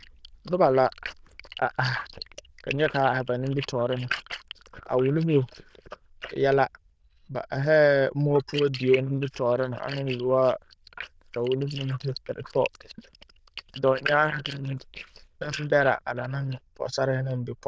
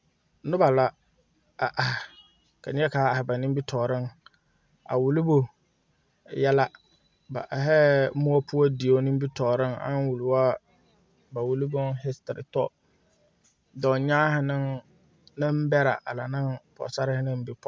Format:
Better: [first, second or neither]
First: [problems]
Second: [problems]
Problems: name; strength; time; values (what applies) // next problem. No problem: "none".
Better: second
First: noise reduction (neural diffusion model UNIVERSE++)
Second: none